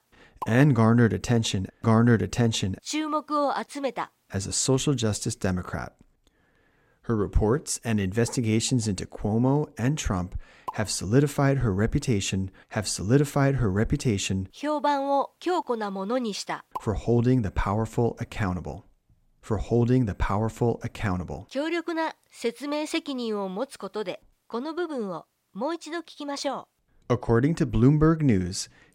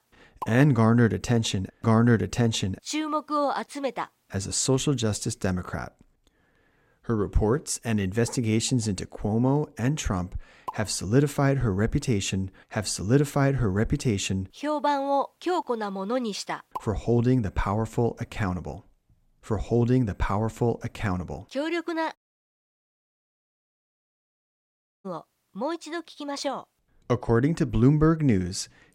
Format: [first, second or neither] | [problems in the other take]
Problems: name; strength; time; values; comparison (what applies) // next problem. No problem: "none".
first | audio cutting out; at 22 s for 3 s